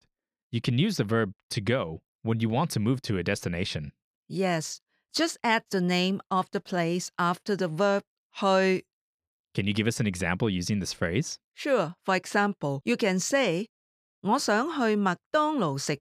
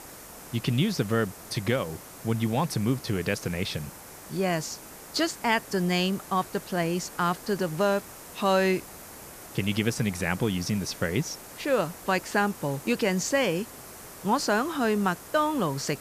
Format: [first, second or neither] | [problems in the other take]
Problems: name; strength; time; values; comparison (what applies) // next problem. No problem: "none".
first | hiss; noticeable; throughout; 15 dB below the speech